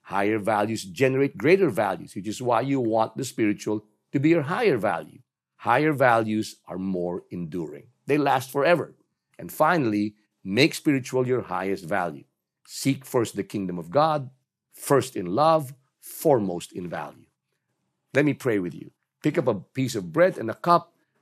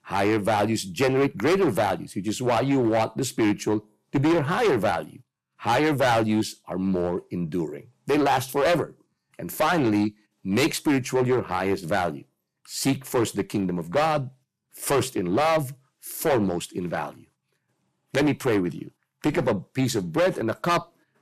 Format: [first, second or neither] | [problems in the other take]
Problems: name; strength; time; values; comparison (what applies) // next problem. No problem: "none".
first | distortion; heavy; 10% of the sound clipped